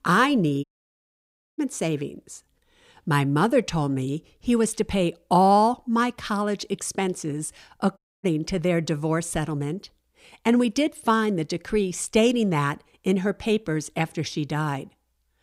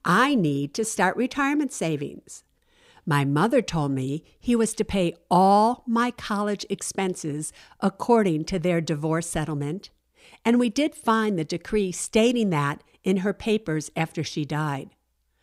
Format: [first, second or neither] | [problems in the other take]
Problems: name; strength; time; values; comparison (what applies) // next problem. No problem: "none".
second | audio cutting out; at 0.5 s for 1 s and at 8 s